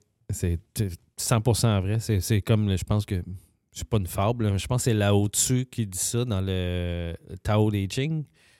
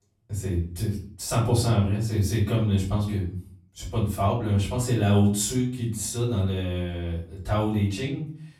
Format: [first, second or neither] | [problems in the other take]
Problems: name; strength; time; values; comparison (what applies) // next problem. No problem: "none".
first | off-mic speech; far // room echo; slight; dies away in 0.4 s